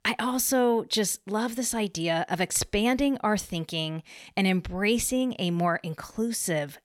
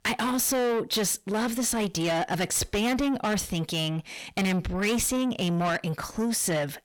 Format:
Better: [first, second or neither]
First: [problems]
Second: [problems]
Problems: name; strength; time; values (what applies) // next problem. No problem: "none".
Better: first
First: none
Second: distortion; heavy; 7 dB below the speech